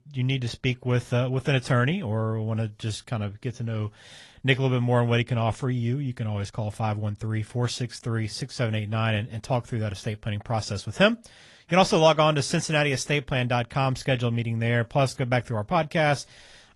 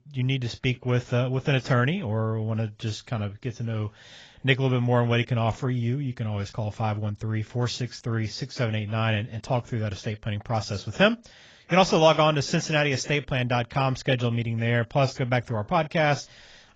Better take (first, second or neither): first